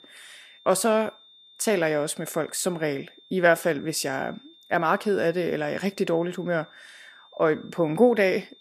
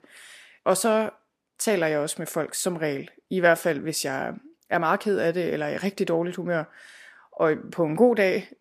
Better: second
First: high-pitched whine; faint; throughout; 3.5 kHz, 25 dB below the speech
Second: none

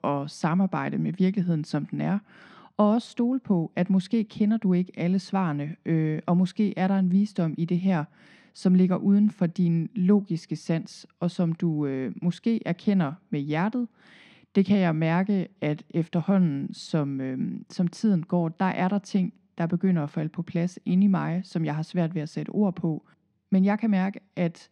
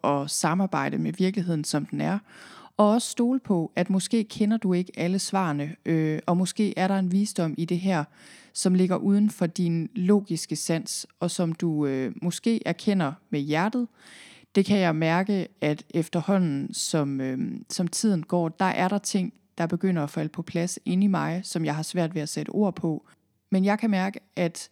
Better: second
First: muffled; slightly; fading above 3.5 kHz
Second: none

